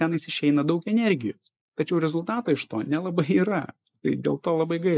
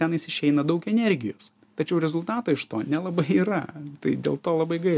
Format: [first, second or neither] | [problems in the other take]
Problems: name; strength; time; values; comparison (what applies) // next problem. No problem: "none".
second | noise reduction (neural mask model Resemble Enhance denoiser)